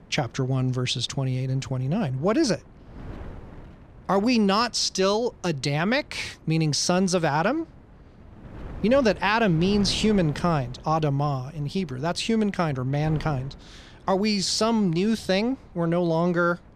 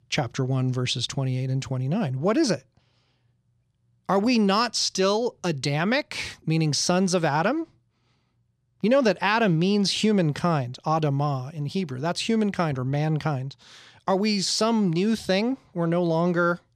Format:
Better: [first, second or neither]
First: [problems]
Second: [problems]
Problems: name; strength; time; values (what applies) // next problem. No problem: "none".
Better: second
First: wind noise on the microphone; occasional gusts; 25 dB below the speech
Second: none